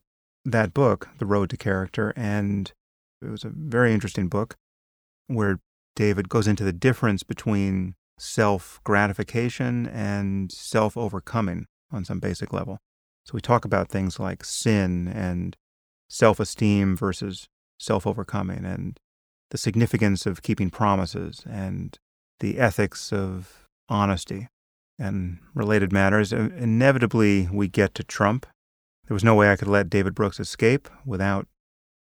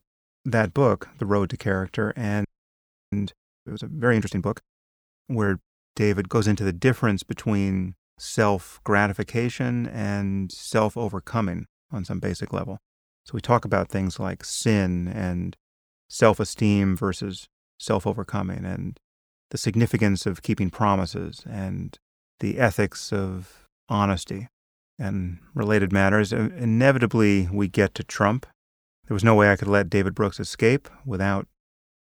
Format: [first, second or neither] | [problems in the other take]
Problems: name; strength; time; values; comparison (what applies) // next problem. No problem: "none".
first | audio freezing; at 2.5 s for 0.5 s